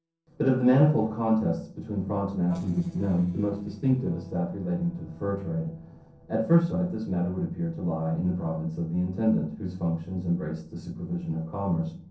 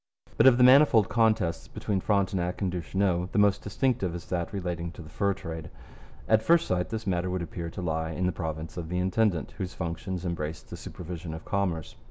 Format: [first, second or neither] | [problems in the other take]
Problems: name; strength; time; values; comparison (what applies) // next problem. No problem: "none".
second | noise reduction (neural separator model SepFormer DNS4)